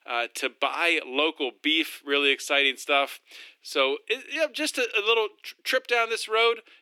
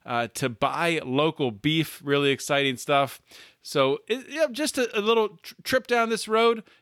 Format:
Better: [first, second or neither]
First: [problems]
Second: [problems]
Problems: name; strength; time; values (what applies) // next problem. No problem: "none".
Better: second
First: thin; very slightly; fading below 300 Hz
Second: none